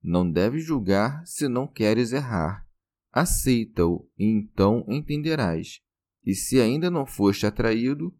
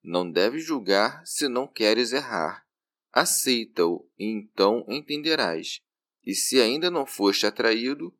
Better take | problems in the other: first | thin; somewhat; fading below 300 Hz

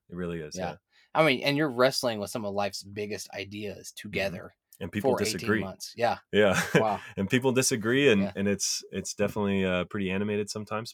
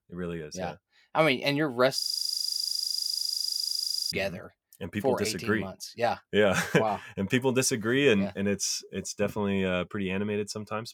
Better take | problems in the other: first | audio freezing; at 2 s for 2 s

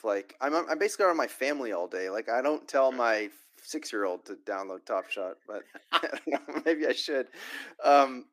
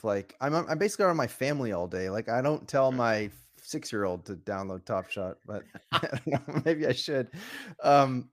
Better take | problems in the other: second | thin; somewhat; fading below 300 Hz

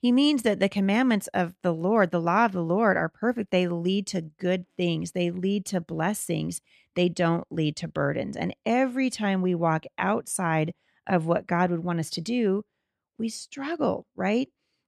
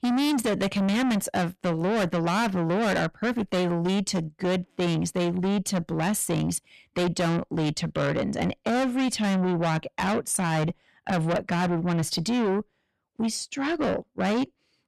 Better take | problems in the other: first | distortion; heavy; 5 dB below the speech

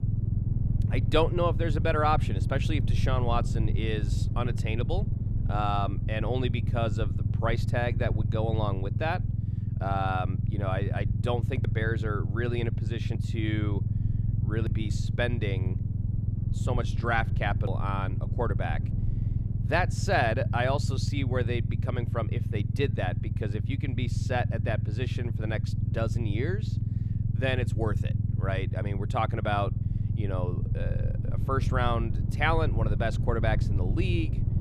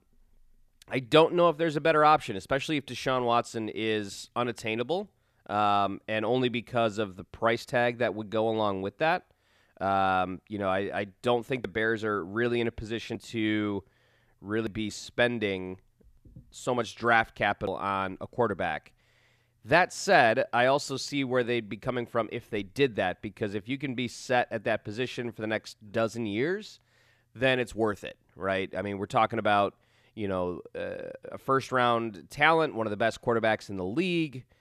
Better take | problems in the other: second | low rumble; noticeable; throughout; 10 dB below the speech

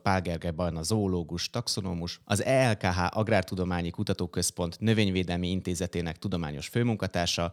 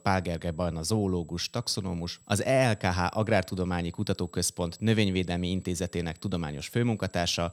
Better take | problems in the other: first | high-pitched whine; faint; throughout; 8 kHz, 30 dB below the speech

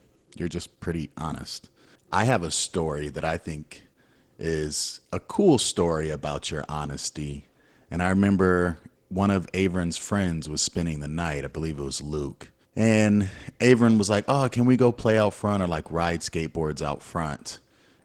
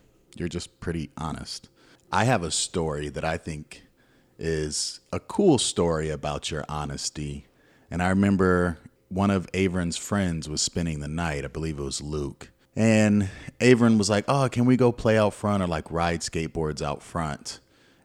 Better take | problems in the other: second | garbled, watery; slightly

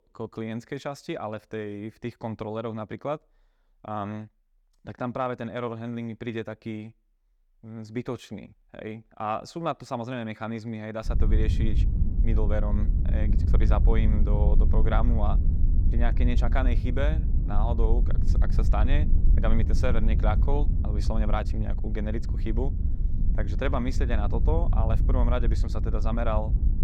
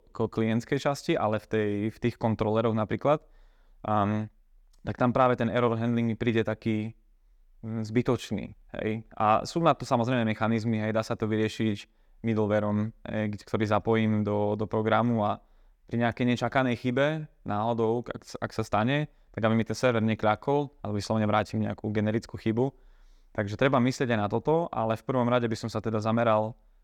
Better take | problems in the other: second | wind noise on the microphone; heavy; from 11 s on; 9 dB below the speech

